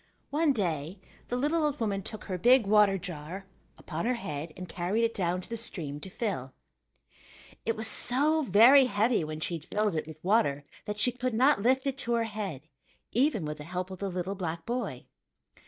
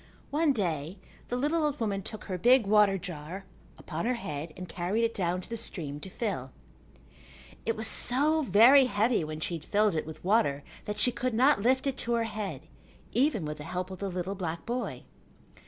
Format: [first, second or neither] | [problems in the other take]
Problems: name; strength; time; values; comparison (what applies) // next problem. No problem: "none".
second | noise reduction (neural mask model DeepFilterNet 3)